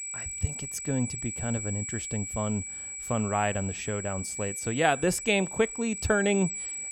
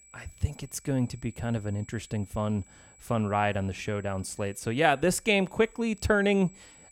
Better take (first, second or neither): second